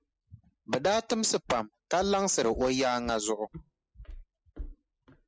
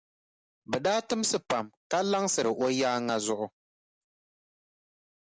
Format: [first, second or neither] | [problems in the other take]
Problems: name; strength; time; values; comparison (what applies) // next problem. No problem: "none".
second | noise reduction (classical method spectral subtraction)